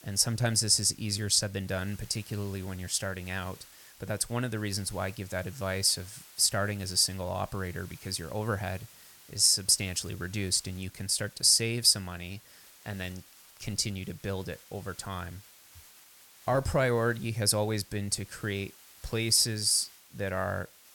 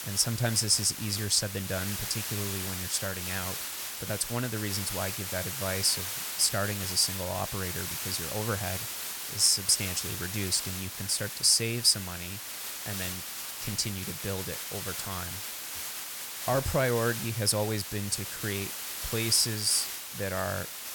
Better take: first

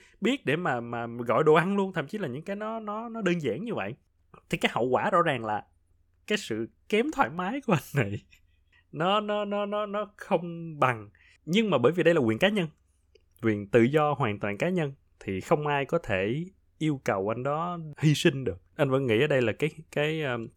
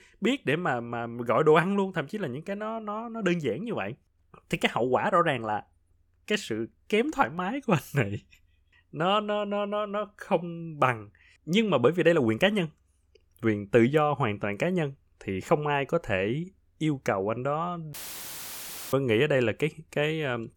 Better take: first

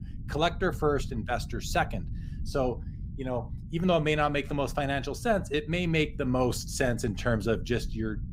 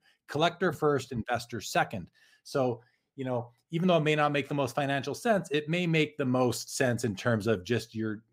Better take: second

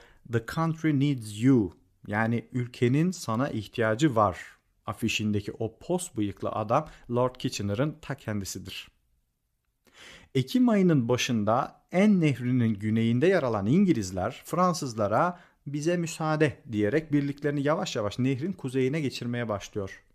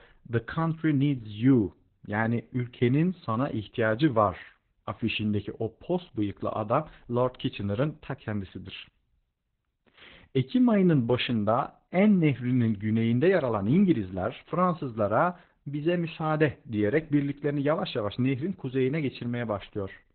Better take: first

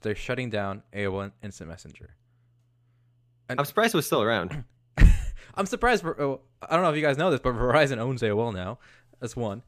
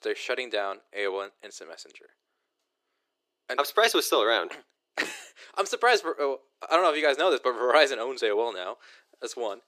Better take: first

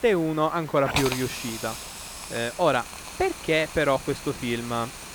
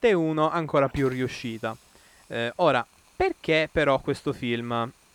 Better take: second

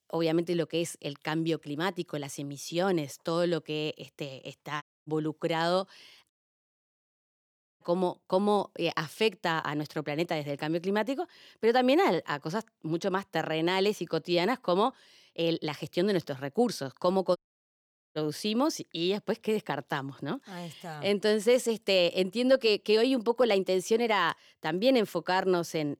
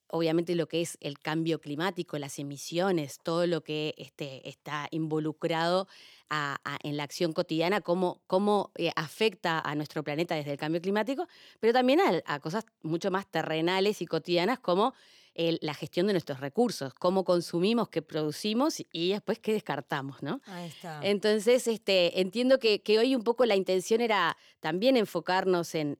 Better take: second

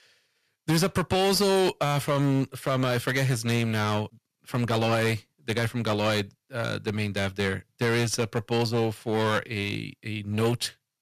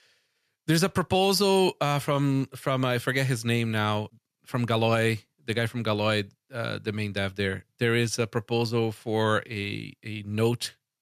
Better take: second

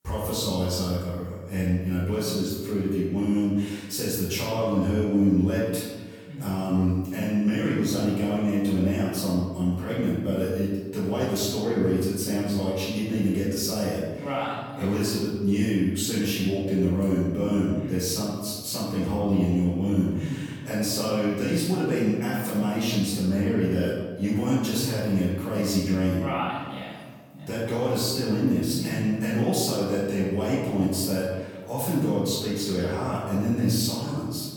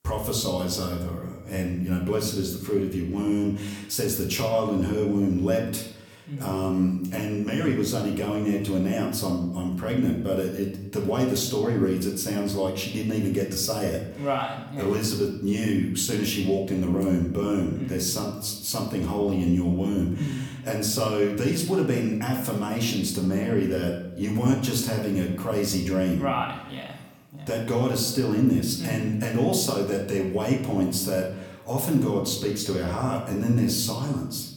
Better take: second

